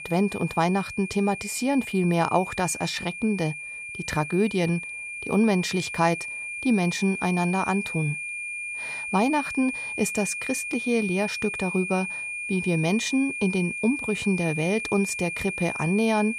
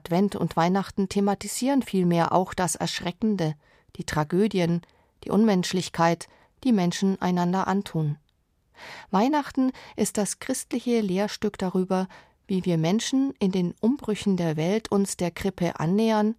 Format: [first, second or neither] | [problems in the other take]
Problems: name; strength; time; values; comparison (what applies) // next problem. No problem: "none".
second | high-pitched whine; loud; throughout; 2.5 kHz, 5 dB below the speech